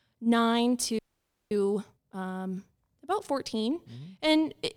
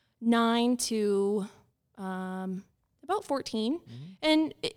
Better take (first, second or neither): second